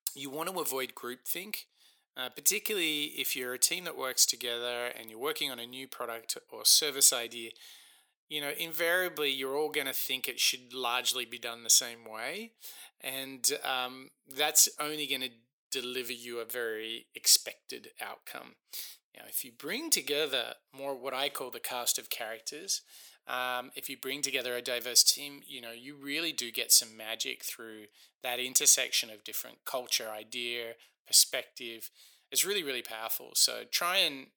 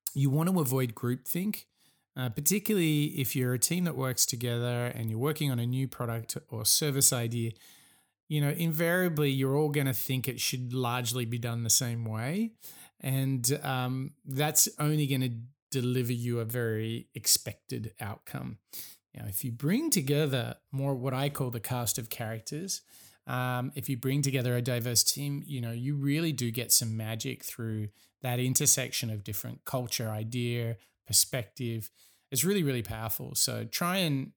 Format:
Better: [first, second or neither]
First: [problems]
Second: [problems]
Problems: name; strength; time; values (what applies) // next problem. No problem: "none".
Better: second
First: thin; very; fading below 400 Hz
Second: none